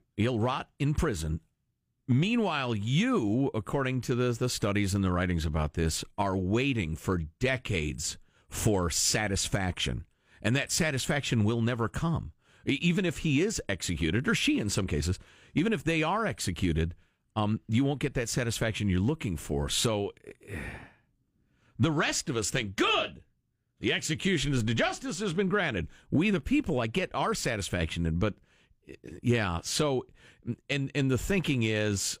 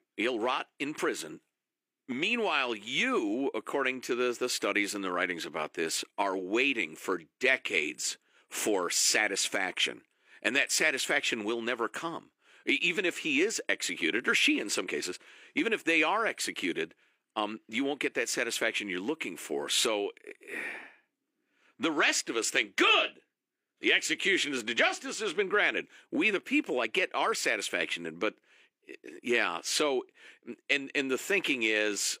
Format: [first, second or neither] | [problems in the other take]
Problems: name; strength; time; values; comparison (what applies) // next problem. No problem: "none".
first | thin; somewhat; fading below 300 Hz